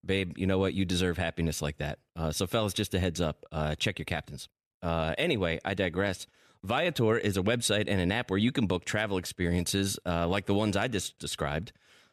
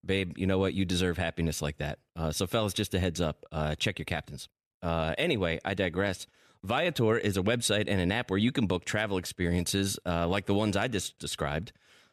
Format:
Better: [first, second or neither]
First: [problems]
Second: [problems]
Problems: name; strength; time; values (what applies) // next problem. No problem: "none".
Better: neither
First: none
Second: none